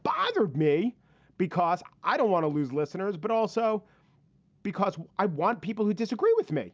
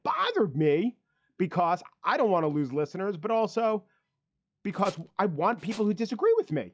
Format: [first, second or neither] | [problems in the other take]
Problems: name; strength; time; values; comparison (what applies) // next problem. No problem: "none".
first | noise reduction (classical method log-MMSE)